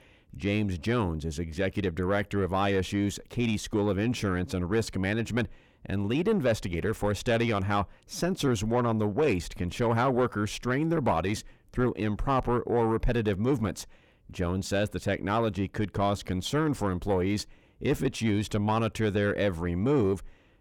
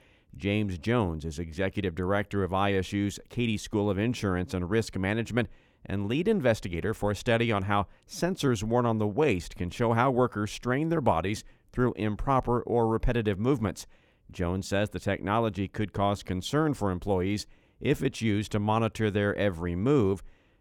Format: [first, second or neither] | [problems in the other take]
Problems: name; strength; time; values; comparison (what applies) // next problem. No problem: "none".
second | distortion; slight; 10 dB below the speech